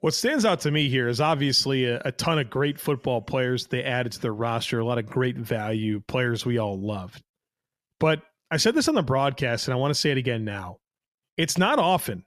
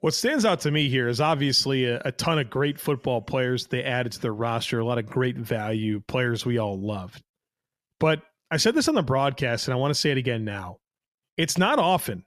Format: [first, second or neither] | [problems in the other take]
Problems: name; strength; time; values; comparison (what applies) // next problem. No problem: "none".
neither | none